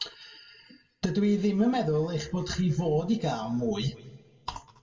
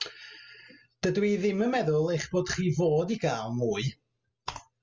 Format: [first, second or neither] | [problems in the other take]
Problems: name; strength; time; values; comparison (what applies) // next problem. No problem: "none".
second | room echo; dies away in 1.2 s